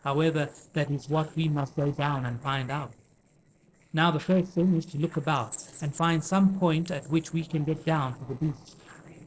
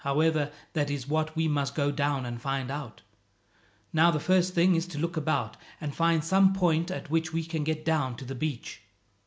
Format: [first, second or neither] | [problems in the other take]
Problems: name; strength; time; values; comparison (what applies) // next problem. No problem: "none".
second | noise reduction (neural separator model SepFormer DNS4)